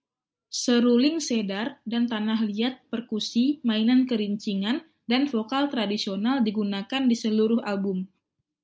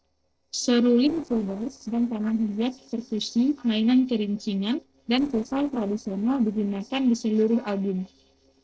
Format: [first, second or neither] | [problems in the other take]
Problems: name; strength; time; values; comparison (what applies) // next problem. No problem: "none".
first | noise reduction (neural separator model SepFormer DNS4)